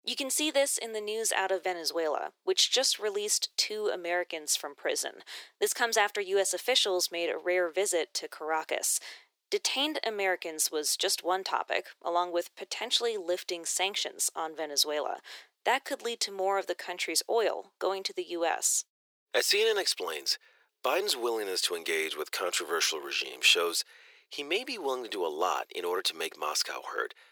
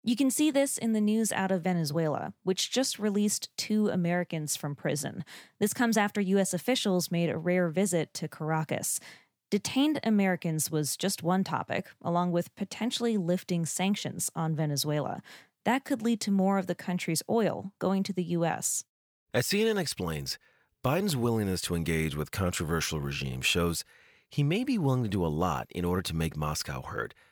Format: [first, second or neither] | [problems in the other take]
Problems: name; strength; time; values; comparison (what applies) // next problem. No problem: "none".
second | thin; very; fading below 350 Hz